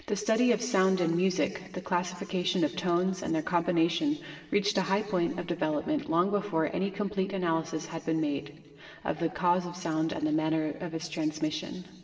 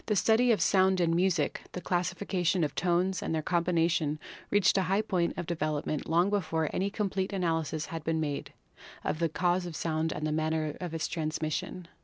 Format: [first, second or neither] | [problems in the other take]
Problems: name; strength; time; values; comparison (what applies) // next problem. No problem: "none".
second | room echo; dies away in 2.8 s